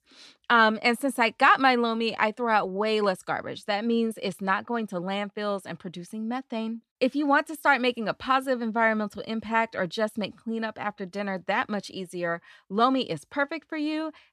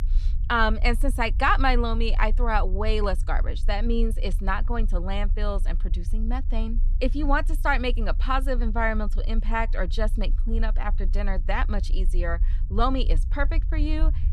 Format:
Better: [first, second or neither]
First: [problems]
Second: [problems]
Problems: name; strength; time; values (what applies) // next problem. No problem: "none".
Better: first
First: none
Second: low rumble; faint; throughout; 25 dB below the speech